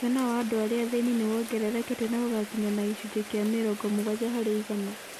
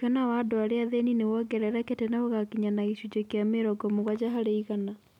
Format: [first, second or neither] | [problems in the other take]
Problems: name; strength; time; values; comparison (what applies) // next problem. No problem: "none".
second | background sound (Rain); 14 dB below the speech